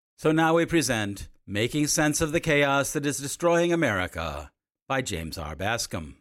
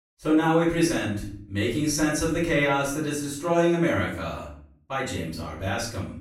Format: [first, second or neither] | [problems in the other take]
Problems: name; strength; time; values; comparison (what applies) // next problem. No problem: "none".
first | off-mic speech; far // room echo; noticeable; dies away in 0.5 s